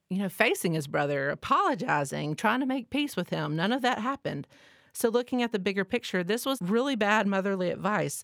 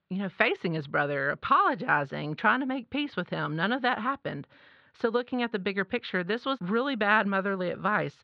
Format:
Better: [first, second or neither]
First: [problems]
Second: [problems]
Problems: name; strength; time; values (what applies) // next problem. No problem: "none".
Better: first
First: none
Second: muffled; slightly; fading above 4 kHz